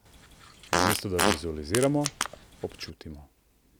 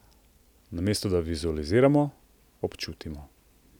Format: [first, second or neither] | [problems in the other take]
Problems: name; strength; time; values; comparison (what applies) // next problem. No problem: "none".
second | background sound (Fart); 2 dB above the speech